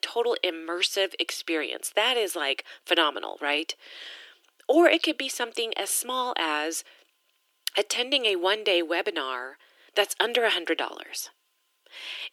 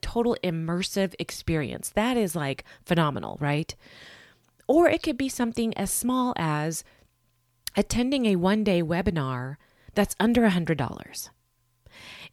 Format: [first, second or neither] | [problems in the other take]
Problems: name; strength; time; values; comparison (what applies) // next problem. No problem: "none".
second | thin; very; fading below 300 Hz